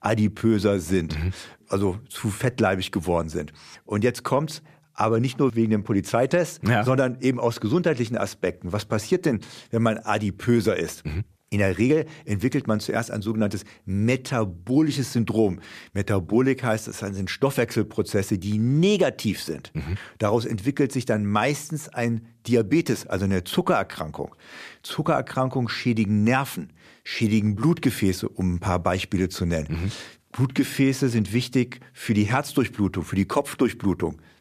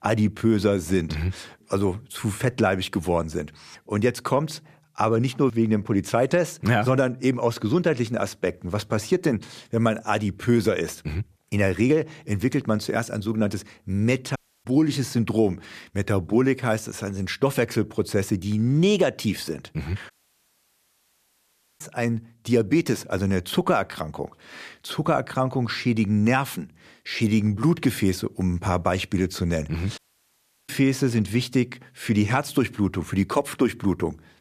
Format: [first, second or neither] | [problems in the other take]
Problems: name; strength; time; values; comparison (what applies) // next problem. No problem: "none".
first | audio cutting out; at 14 s, at 20 s for 1.5 s and at 30 s for 0.5 s